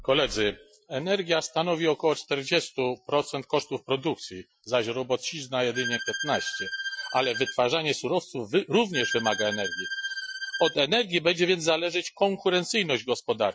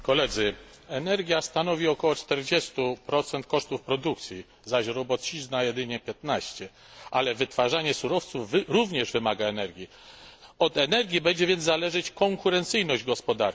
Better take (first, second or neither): second